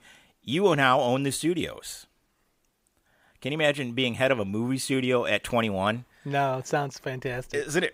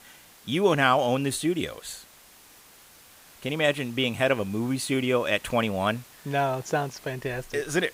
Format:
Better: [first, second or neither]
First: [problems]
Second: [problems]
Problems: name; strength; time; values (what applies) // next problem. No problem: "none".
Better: first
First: none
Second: hiss; faint; throughout; 25 dB below the speech